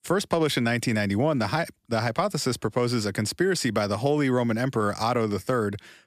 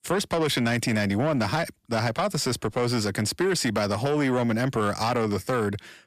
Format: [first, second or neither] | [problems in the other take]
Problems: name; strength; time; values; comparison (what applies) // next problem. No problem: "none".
first | distortion; slight; 10 dB below the speech